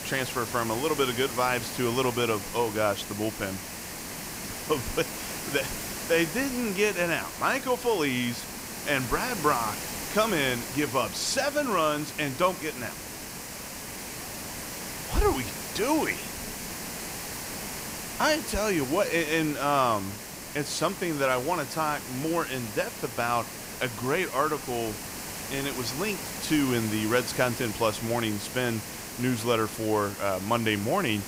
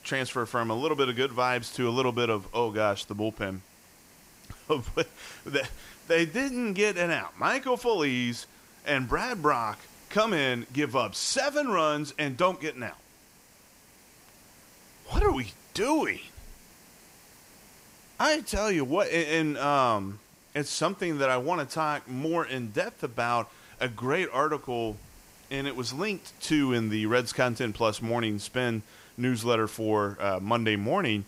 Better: second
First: hiss; loud; throughout; 7 dB below the speech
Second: hiss; faint; throughout; 25 dB below the speech

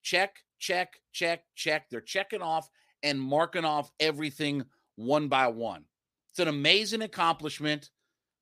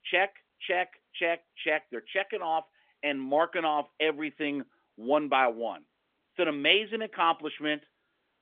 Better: first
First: none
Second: phone-call audio; nothing above 3.5 kHz

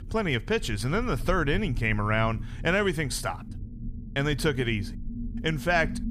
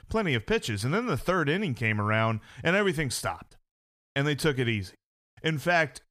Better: second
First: low rumble; faint; throughout; 20 dB below the speech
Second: none

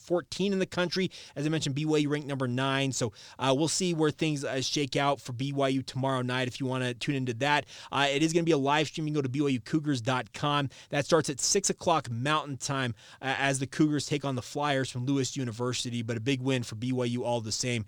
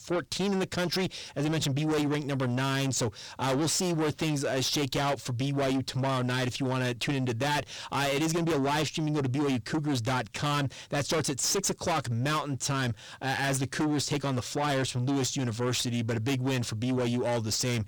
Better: first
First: none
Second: distortion; heavy; 6 dB below the speech

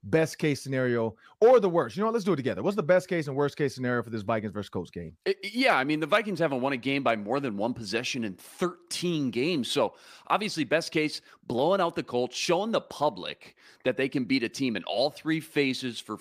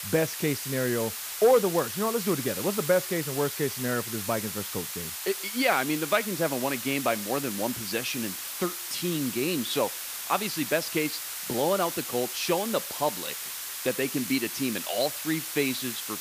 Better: first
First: none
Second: hiss; loud; throughout; 4 dB below the speech

